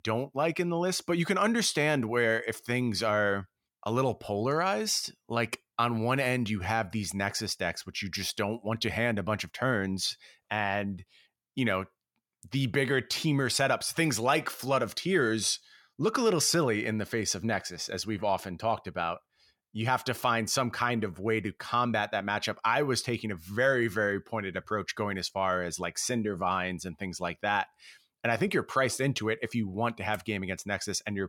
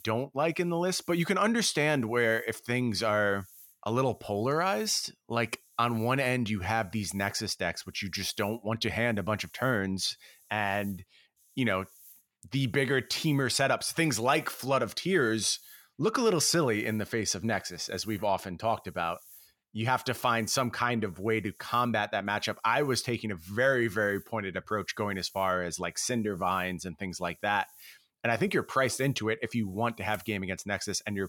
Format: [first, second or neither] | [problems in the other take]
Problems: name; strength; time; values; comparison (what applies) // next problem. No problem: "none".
first | hiss; faint; throughout; 25 dB below the speech